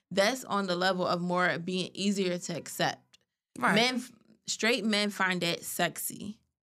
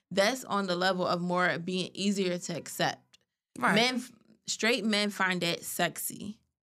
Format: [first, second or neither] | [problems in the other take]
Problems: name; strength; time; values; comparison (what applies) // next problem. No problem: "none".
neither | none